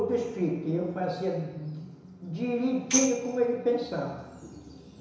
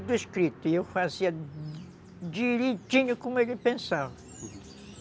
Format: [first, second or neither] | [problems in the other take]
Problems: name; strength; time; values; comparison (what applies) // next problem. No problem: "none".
second | background sound (Tambourine); 4 dB below the speech // room echo; dies away in 1 s